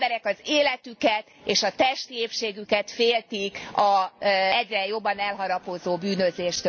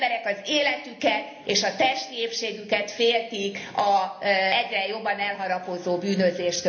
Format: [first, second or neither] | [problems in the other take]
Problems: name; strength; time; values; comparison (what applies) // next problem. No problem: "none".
first | room echo; dies away in 0.8 s